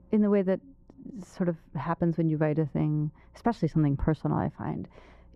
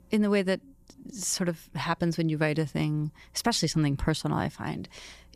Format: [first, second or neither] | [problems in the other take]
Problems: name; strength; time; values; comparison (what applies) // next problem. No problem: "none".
second | muffled; very; fading above 2.5 kHz